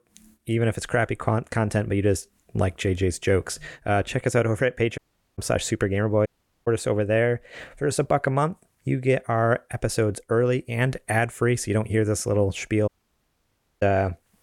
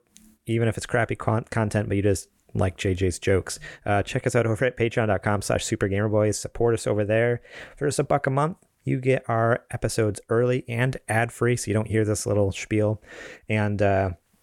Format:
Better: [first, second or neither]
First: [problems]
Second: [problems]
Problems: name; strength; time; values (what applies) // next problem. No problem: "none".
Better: second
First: audio cutting out; at 5 s, at 6.5 s and at 13 s for 1 s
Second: none